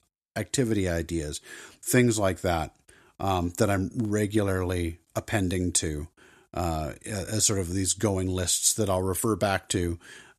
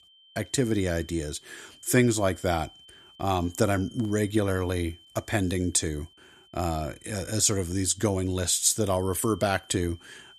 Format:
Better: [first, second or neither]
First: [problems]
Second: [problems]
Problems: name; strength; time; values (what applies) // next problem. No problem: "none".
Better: first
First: none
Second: high-pitched whine; faint; throughout; 3 kHz, 25 dB below the speech